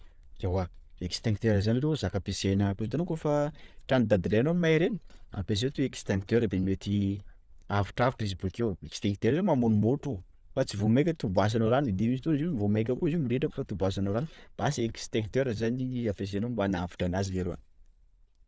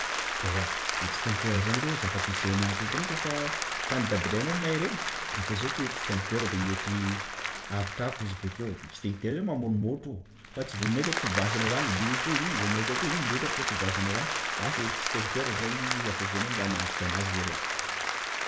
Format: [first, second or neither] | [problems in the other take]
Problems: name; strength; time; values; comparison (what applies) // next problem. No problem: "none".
first | background sound (Applause); as loud as the speech // room echo; dies away in 0.7 s